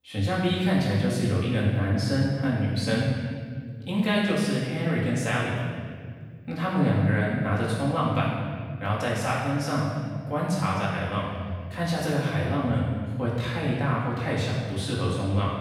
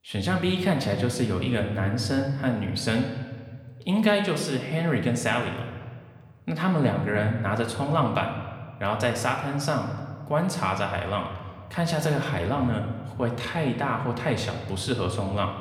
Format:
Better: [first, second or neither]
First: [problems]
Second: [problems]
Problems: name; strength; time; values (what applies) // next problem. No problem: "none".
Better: second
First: room echo; strong; dies away in 1.9 s // off-mic speech; far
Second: room echo; slight; dies away in 1.2 s // off-mic speech; somewhat distant